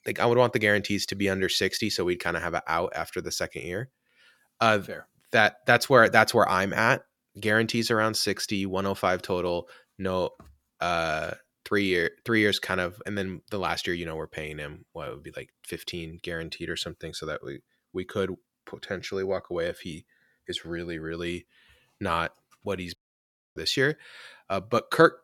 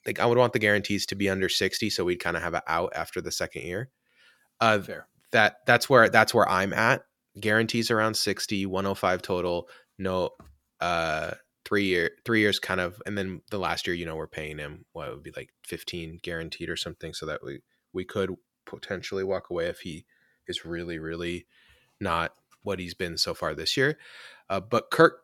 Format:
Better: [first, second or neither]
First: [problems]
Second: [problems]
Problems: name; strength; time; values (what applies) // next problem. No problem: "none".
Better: second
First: audio cutting out; at 23 s for 0.5 s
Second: none